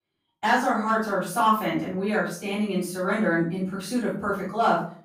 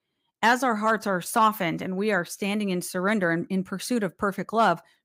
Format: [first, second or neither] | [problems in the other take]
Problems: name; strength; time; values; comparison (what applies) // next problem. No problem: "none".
second | room echo; noticeable; dies away in 0.4 s // off-mic speech; far